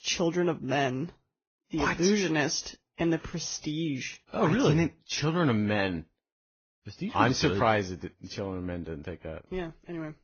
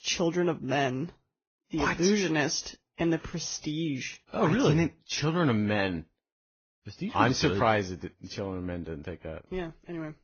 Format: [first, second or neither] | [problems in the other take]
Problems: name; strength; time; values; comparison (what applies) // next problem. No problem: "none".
neither | garbled, watery; badly; nothing above 6.5 kHz; the same in both